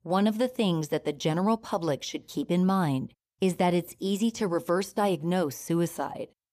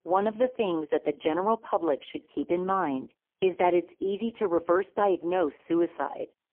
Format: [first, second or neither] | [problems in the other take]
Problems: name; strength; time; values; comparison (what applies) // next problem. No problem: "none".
first | phone-call audio; poor line; nothing above 3.5 kHz